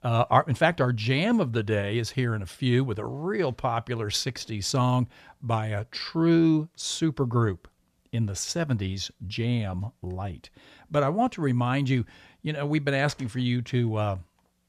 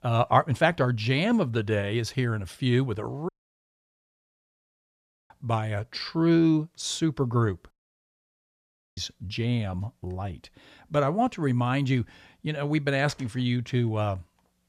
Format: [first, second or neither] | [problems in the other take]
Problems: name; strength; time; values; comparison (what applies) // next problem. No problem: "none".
first | audio cutting out; at 3.5 s for 2 s and at 7.5 s for 1.5 s